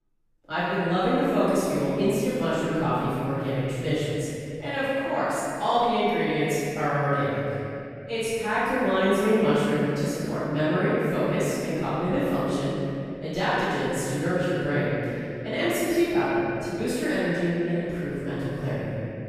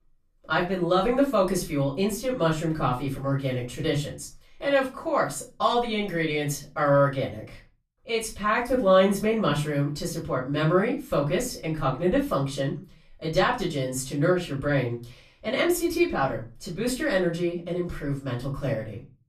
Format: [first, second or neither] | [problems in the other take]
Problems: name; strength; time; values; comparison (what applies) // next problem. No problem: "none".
second | room echo; strong; dies away in 2.9 s; slight in the second // off-mic speech; far; far in the second